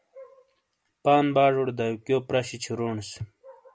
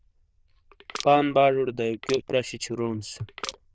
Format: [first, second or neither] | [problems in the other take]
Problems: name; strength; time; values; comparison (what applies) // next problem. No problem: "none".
first | noise reduction (neural diffusion model UNIVERSE++)